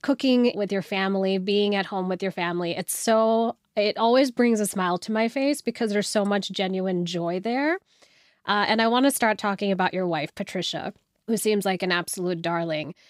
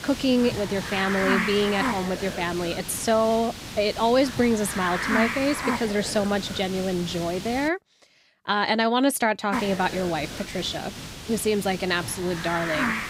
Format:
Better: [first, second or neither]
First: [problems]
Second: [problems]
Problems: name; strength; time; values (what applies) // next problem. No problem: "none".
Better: first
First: none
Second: hiss; loud; until 7.5 s and from 9.5 s on; 6 dB below the speech